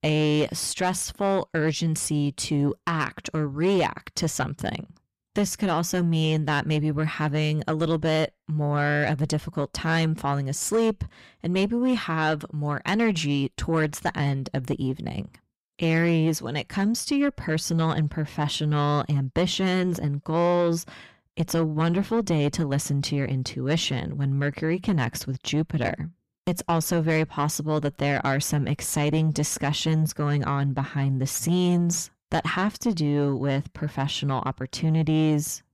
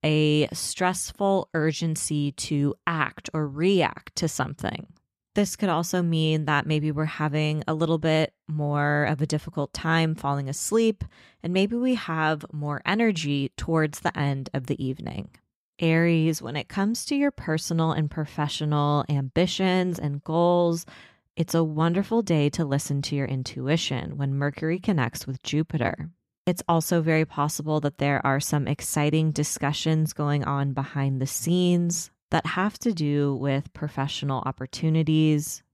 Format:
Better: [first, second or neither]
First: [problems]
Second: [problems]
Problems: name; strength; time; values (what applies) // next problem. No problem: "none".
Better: second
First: distortion; slight; 10 dB below the speech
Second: none